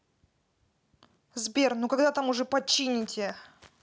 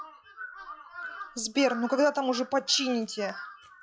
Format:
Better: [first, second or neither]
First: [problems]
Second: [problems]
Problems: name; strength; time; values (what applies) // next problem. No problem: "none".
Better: first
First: none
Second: noise reduction (classical method log-MMSE)